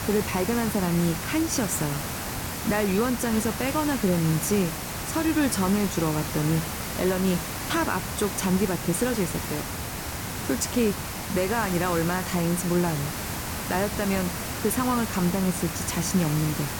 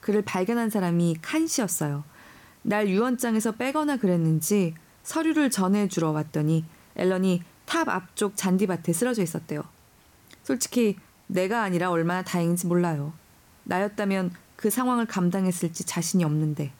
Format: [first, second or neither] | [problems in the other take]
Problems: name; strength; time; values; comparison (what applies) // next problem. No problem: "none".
second | hiss; loud; throughout; 4 dB below the speech; faint in the second